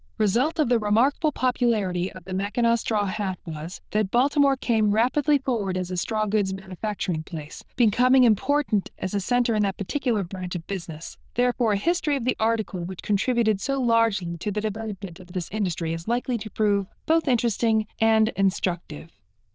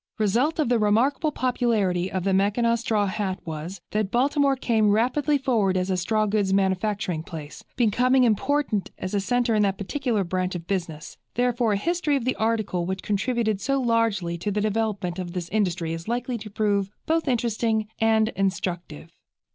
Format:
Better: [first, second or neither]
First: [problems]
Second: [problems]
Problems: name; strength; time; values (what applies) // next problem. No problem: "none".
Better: second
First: noise reduction (neural diffusion model UNIVERSE++)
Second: none